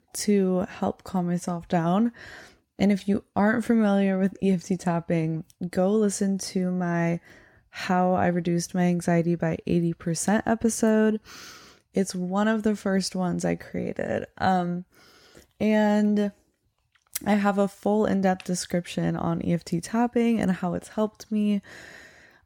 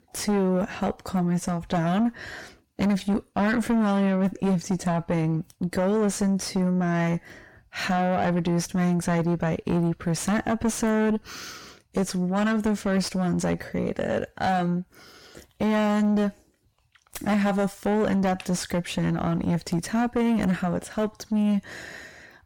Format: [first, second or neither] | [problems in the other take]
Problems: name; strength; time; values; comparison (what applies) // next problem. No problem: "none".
first | distortion; heavy; 6 dB below the speech